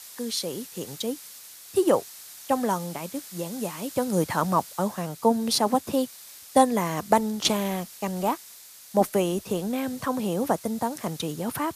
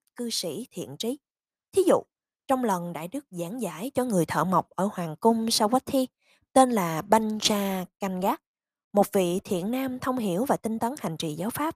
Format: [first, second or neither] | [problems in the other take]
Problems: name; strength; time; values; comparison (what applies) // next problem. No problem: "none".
second | hiss; noticeable; throughout; 15 dB below the speech